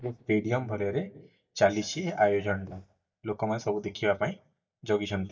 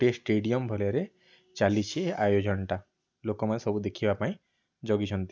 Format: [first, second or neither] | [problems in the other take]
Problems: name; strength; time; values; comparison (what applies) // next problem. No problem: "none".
second | noise reduction (neural mask model DeepFilterNet 3)